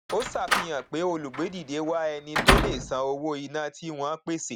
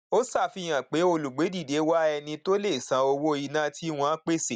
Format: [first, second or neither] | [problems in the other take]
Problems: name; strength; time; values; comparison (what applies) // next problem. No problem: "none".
second | background sound (Slam); 2 dB above the speech